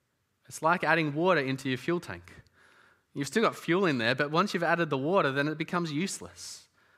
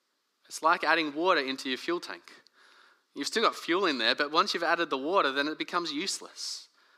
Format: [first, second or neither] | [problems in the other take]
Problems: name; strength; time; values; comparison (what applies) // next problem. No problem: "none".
first | thin; somewhat; fading below 300 Hz